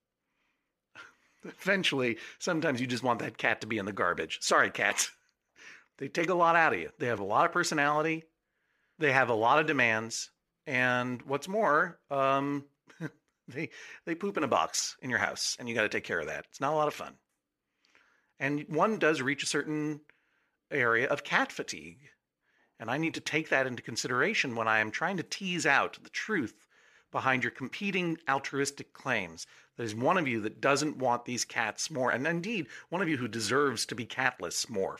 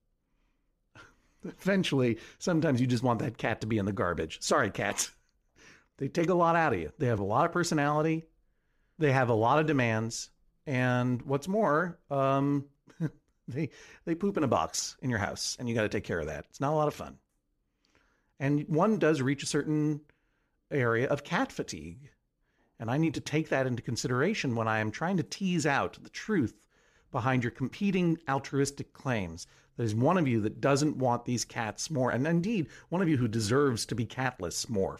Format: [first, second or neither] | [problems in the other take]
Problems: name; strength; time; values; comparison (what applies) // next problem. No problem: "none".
second | thin; somewhat; fading below 400 Hz